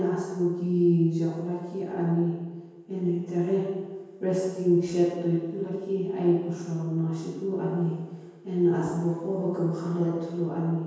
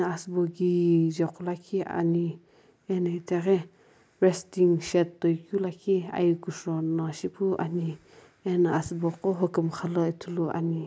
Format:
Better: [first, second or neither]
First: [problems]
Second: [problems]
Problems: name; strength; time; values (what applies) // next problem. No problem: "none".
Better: second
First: room echo; dies away in 1.2 s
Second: none